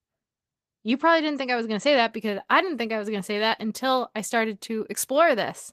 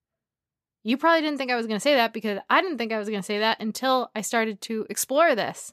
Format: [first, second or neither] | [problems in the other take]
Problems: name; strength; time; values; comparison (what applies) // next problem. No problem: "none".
second | garbled, watery; slightly; nothing above 14.5 kHz